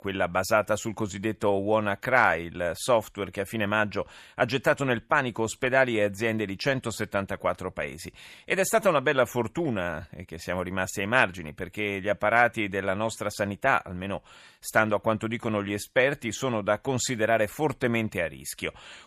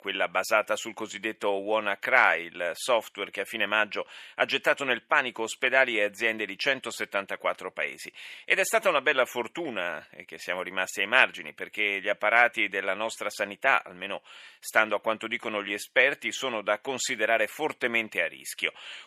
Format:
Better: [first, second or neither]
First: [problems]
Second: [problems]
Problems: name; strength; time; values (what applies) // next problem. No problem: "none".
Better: first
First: none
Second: thin; somewhat; fading below 350 Hz